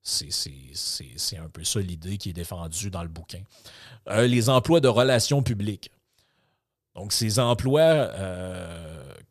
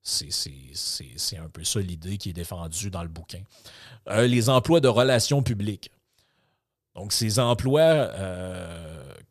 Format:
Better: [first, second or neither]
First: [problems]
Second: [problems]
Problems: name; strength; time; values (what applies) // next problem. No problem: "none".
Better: neither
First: none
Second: none